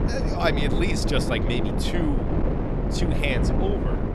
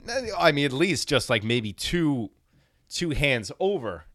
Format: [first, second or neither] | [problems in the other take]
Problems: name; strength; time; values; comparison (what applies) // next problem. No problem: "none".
second | wind noise on the microphone; heavy; 3 dB below the speech